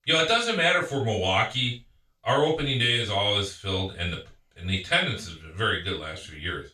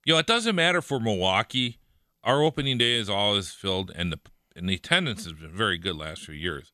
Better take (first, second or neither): second